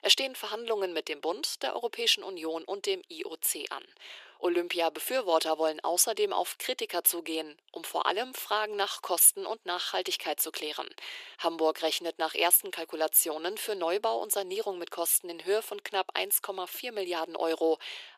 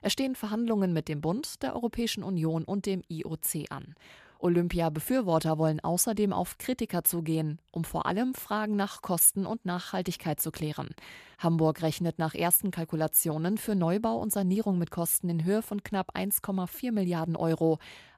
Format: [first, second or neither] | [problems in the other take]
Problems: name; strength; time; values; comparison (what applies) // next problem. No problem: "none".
second | thin; very; fading below 350 Hz